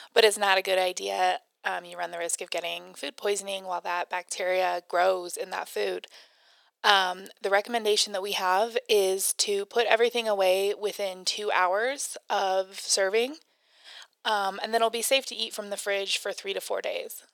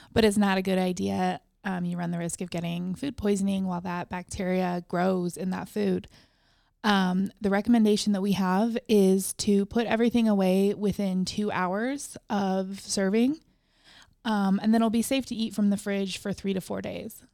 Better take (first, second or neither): second